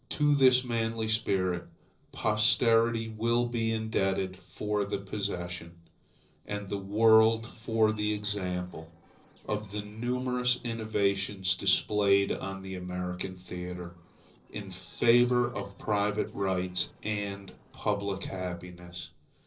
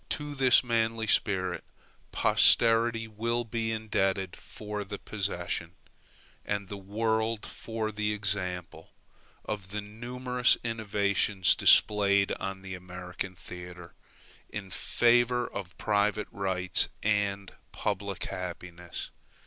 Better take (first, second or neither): second